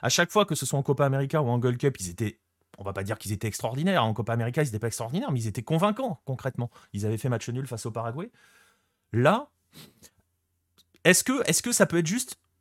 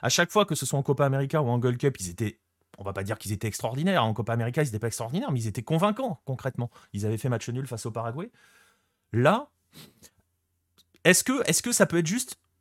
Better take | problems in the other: neither | none

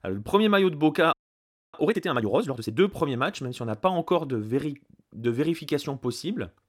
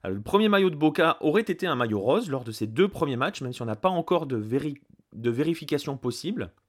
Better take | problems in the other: second | audio freezing; at 1 s for 0.5 s

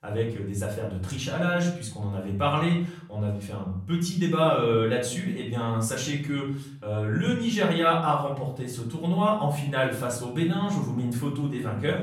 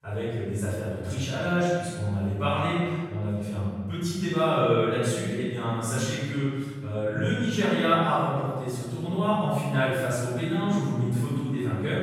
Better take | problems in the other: first | room echo; strong; dies away in 1.5 s; slight in the first // off-mic speech; far; far in the first

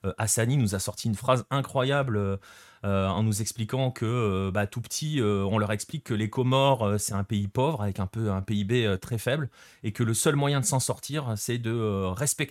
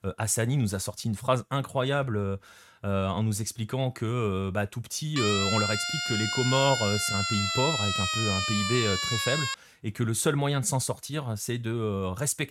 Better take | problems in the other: first | siren; loud; from 5 to 9.5 s; peak 2 dB above the speech

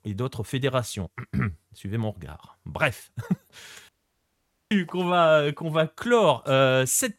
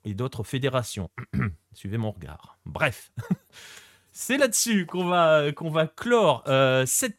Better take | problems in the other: second | audio cutting out; at 4 s for 1 s

